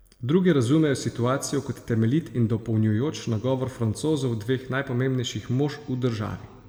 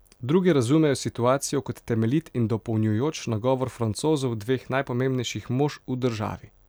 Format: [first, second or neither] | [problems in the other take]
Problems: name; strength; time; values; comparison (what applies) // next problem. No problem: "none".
second | room echo; dies away in 1.2 s